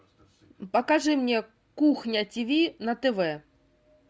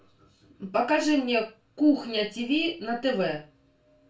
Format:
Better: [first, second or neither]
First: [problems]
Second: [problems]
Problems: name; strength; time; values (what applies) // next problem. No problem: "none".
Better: first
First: none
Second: room echo; dies away in 0.3 s